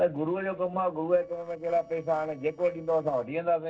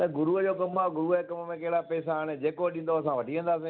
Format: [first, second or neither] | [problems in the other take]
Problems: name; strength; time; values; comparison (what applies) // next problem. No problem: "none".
second | noise reduction (neural separator model SepFormer DNS4)